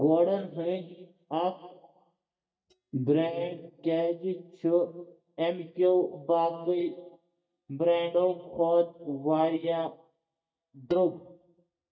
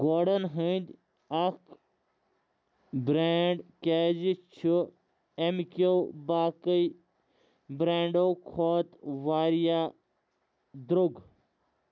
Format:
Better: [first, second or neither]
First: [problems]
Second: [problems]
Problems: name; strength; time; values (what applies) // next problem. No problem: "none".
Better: second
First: noise reduction (neural mask model DeepFilterNet 3)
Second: none